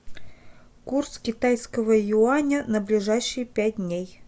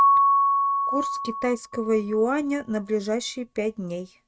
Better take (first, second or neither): first